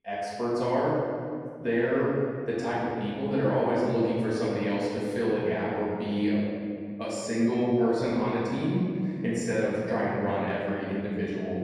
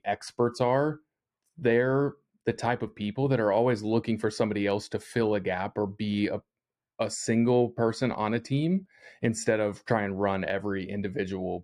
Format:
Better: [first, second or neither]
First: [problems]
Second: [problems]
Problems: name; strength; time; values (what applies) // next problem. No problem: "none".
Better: second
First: room echo; strong; dies away in 2.1 s // off-mic speech; far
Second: none